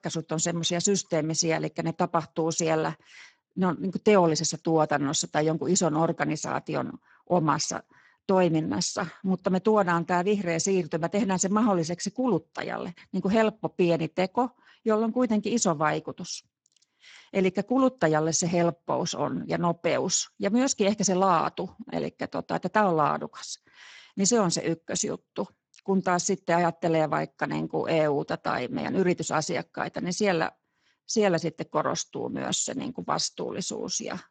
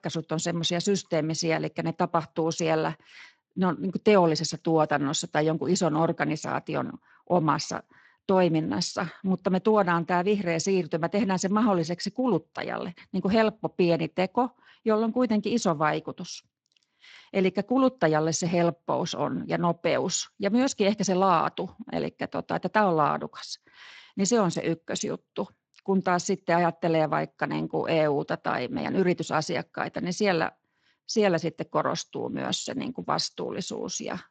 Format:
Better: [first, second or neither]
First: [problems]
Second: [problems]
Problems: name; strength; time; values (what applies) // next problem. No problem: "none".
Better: second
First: garbled, watery; badly; nothing above 7.5 kHz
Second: garbled, watery; slightly; nothing above 7.5 kHz